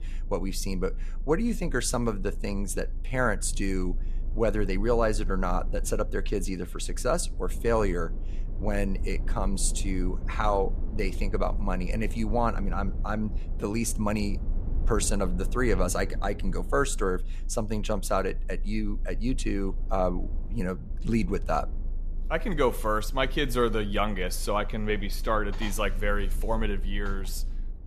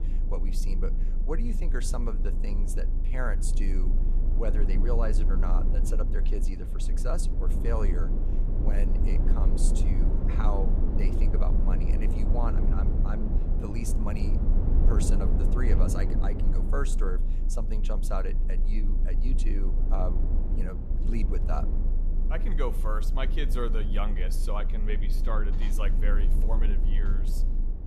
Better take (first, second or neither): first